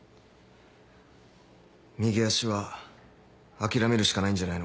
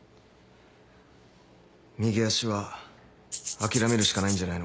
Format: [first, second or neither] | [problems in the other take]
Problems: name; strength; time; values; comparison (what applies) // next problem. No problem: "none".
first | background sound (Rattle (instrument)); 4 dB below the speech